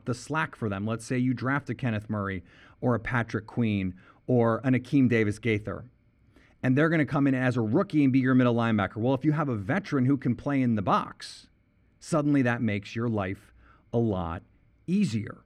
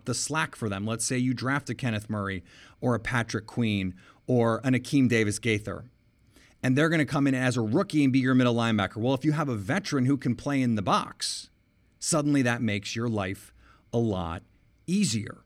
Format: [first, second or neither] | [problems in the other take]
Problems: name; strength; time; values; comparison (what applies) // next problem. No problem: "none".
second | muffled; slightly; fading above 3.5 kHz